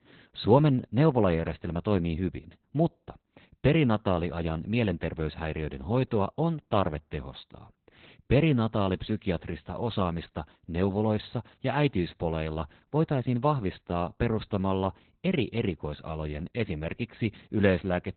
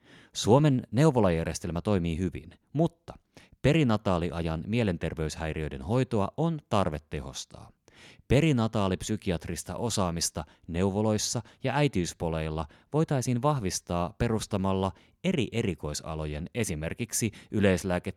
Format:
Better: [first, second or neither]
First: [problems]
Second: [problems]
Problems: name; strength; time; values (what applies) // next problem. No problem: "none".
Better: second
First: garbled, watery; badly; nothing above 4 kHz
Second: none